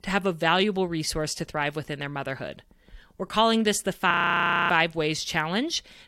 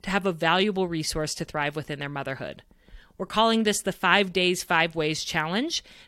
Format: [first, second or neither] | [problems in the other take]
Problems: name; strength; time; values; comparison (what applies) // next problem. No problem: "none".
second | audio freezing; at 4 s for 0.5 s